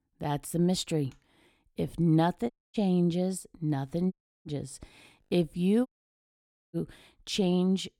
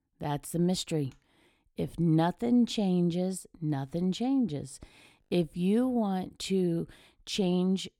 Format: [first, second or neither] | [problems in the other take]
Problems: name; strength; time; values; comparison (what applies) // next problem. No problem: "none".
second | audio cutting out; at 2.5 s, at 4 s and at 6 s for 1 s